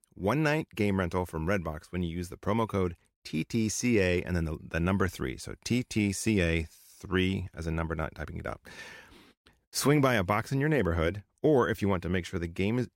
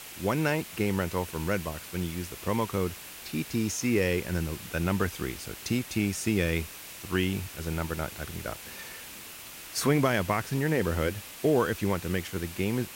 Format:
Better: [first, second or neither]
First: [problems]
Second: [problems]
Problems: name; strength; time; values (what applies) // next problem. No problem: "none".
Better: first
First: none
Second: hiss; noticeable; throughout; 10 dB below the speech